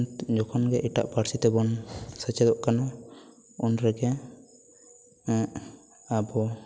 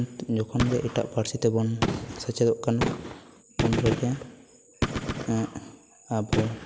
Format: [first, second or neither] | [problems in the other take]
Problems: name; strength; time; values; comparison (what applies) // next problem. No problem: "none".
first | background sound (Gunshot, gunfire); 4 dB below the speech